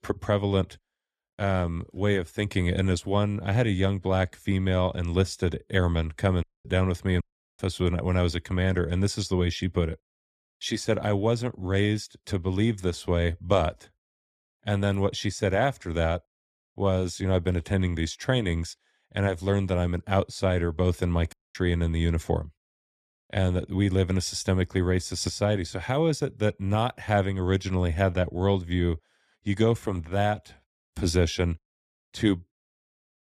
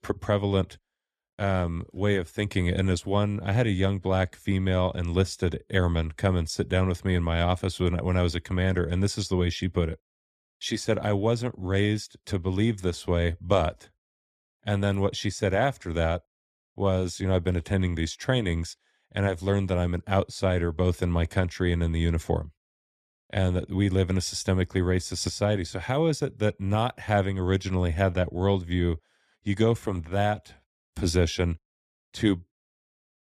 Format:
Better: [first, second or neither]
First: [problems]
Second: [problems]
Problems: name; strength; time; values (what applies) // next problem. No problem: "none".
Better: second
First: audio cutting out; at 6.5 s, at 7 s and at 21 s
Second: none